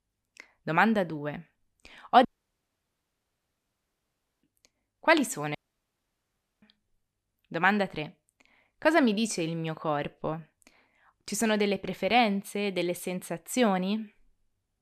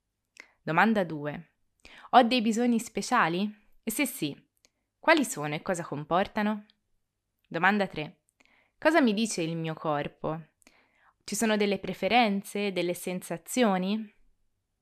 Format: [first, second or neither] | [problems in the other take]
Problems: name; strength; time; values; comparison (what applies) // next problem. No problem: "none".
second | audio cutting out; at 2.5 s for 2 s and at 5.5 s for 1 s